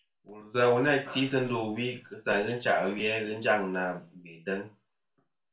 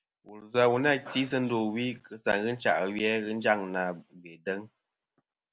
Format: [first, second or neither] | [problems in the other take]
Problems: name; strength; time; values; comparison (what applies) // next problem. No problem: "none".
second | room echo; dies away in 0.3 s